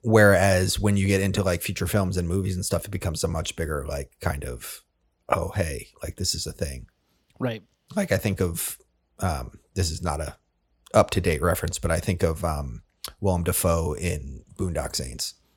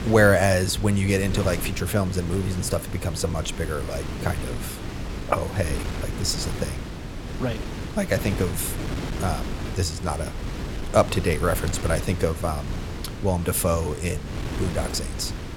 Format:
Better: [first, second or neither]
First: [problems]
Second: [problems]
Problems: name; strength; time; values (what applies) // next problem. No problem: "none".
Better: first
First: none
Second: wind noise on the microphone; occasional gusts; 10 dB below the speech